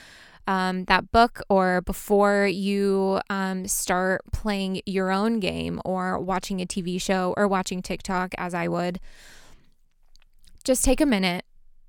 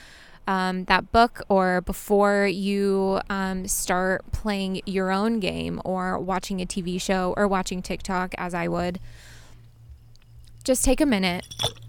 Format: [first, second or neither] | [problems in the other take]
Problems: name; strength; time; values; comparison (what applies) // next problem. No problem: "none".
first | rain or running water; noticeable; throughout; 20 dB below the speech